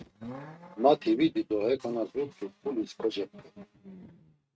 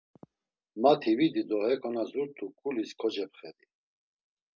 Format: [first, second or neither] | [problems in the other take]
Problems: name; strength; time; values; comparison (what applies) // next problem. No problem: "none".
second | noise reduction (neural mask model RNNoise)